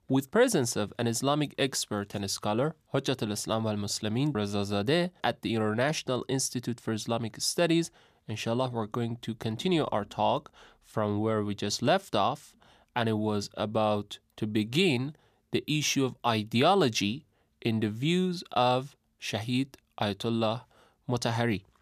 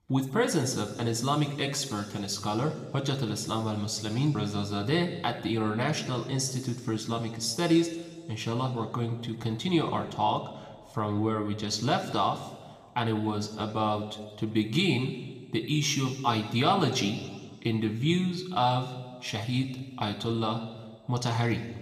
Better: first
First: none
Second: room echo; slight; dies away in 1.4 s

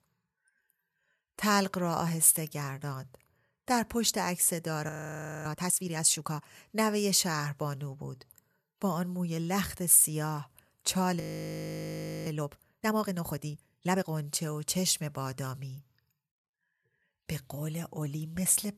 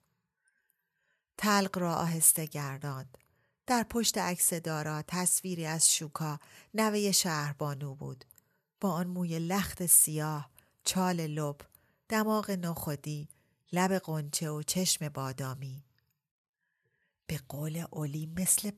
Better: second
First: audio freezing; at 5 s for 0.5 s and at 11 s for 1 s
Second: none

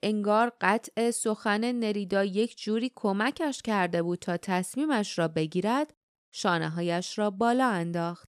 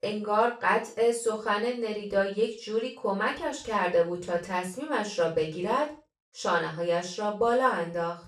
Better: first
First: none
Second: room echo; noticeable; dies away in 0.3 s // off-mic speech; far

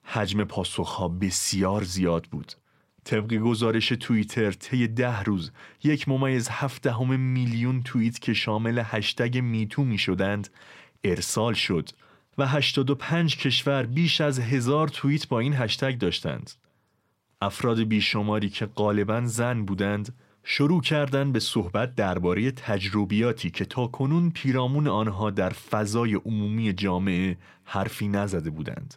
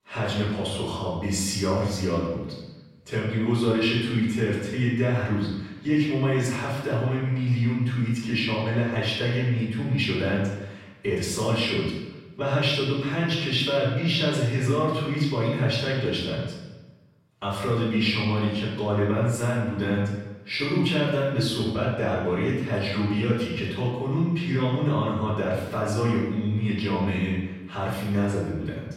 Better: first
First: none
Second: off-mic speech; far // room echo; noticeable; dies away in 1 s

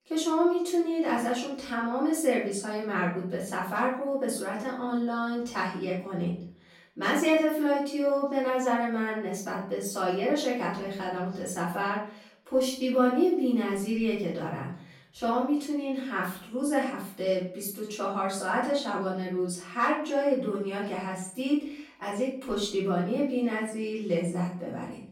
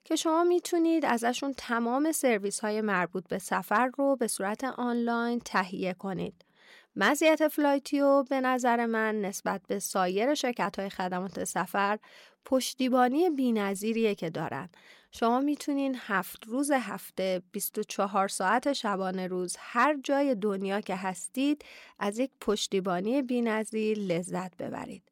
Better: second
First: off-mic speech; far // room echo; noticeable; dies away in 0.5 s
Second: none

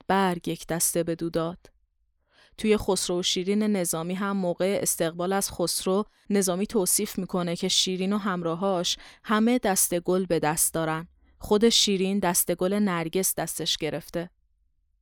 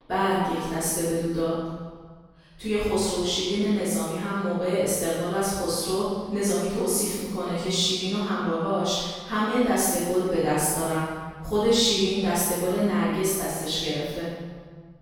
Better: first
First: none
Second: room echo; strong; dies away in 1.6 s // off-mic speech; far

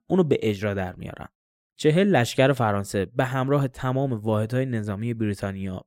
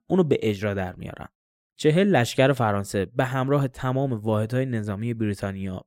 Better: neither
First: none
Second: none

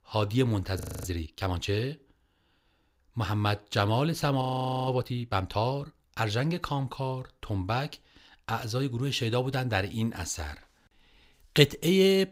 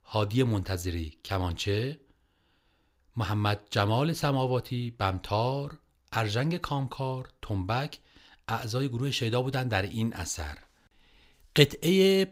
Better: second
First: audio freezing; at 1 s and at 4.5 s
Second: none

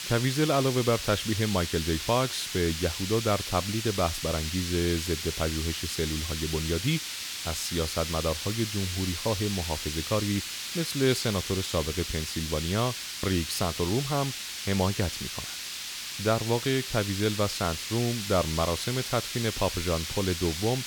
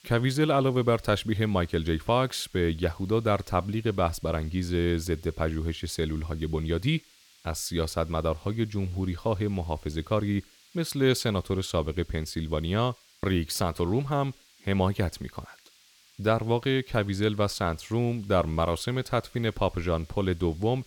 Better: second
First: hiss; loud; throughout; 4 dB below the speech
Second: hiss; faint; throughout; 25 dB below the speech

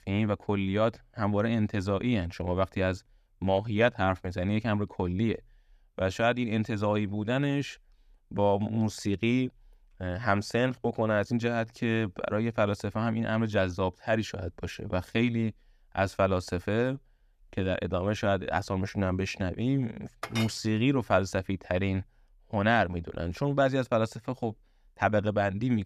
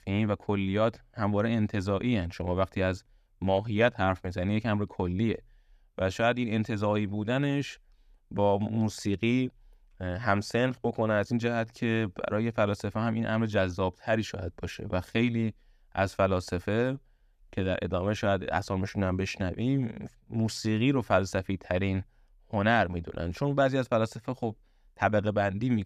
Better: second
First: clattering dishes; noticeable; at 20 s; peak 7 dB below the speech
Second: none

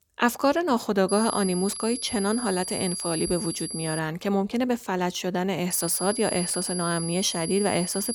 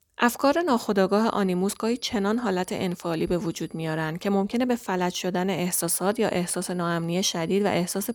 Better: second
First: high-pitched whine; loud; from 1 to 4 s and from 5.5 s on; 11 kHz, 6 dB below the speech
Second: high-pitched whine; faint; from 1 to 4 s and from 5.5 s on; 11 kHz, 30 dB below the speech

